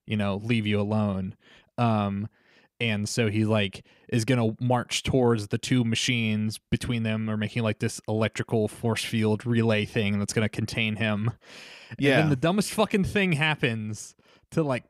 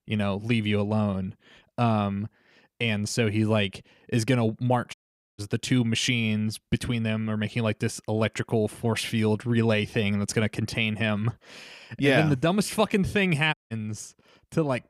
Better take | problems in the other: first | audio cutting out; at 5 s and at 14 s

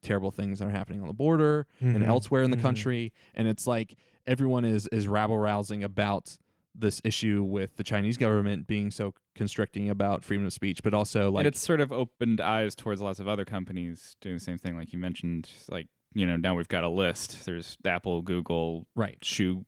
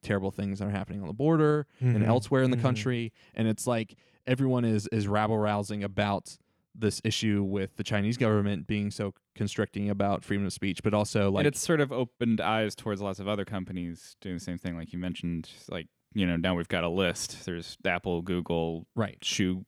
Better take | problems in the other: second | garbled, watery; slightly

